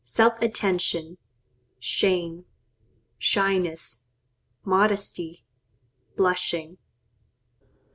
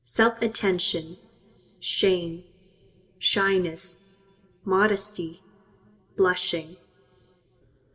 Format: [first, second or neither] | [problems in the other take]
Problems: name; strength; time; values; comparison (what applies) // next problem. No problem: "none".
first | room echo; dies away in 0.3 s